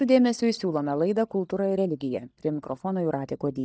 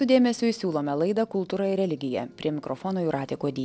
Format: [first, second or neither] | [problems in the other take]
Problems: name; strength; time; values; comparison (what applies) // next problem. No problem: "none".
second | noise reduction (neural mask model DeepFilterNet 3)